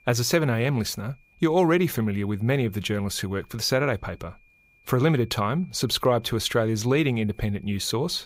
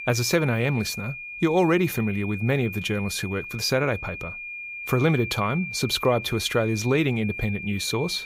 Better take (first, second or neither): first